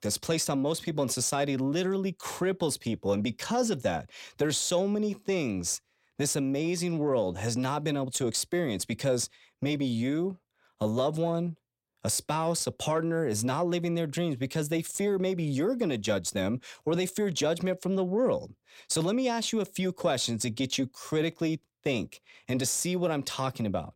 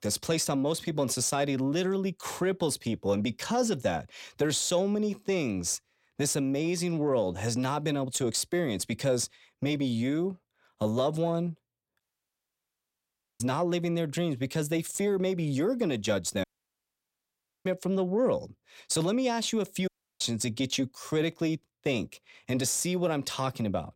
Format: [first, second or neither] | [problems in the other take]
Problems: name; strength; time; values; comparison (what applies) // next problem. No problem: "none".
first | audio cutting out; at 12 s for 1.5 s, at 16 s for 1 s and at 20 s